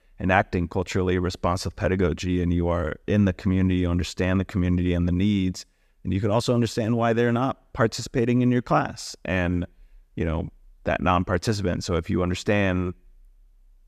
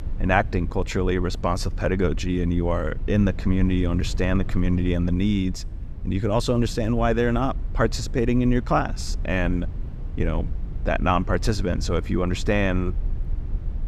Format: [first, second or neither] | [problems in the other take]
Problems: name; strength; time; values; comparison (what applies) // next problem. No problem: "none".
first | low rumble; faint; throughout; 20 dB below the speech